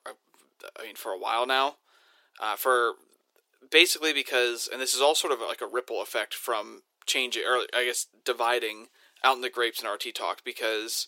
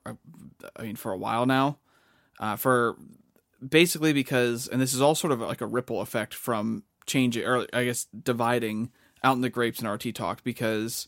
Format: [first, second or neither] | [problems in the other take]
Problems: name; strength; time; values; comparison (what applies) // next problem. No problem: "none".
second | thin; very; fading below 350 Hz